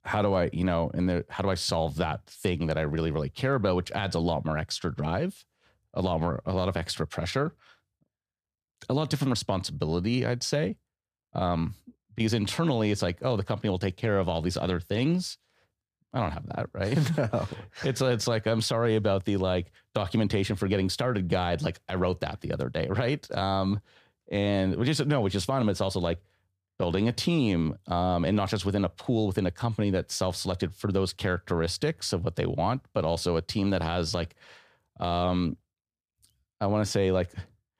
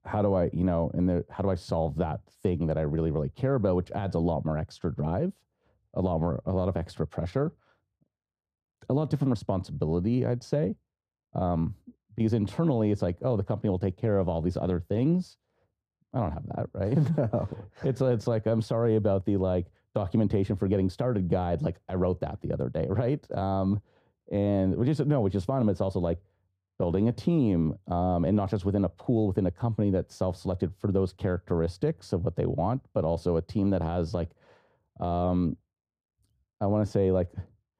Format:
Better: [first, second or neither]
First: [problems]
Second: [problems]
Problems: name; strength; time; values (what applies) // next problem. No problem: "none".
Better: first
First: none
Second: muffled; slightly; fading above 1 kHz